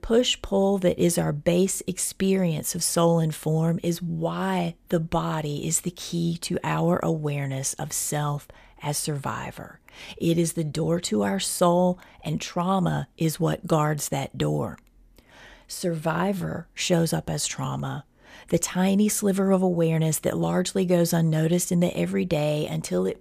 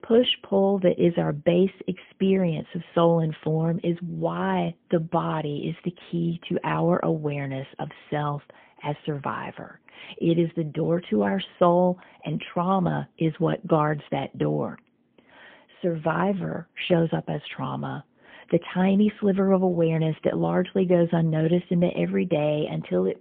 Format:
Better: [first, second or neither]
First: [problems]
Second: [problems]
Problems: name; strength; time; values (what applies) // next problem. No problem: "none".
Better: first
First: none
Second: phone-call audio; poor line; nothing above 3.5 kHz